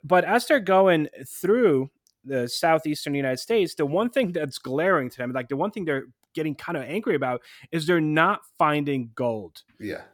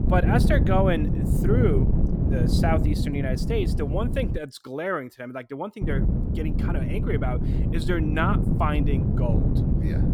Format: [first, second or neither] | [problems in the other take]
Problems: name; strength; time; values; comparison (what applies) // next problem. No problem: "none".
first | wind noise on the microphone; heavy; until 4.5 s and from 6 s on; 5 dB below the speech